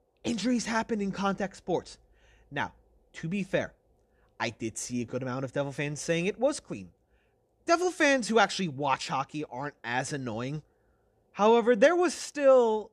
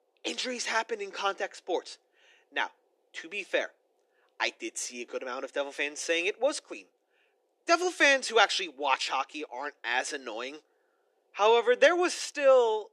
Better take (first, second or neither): first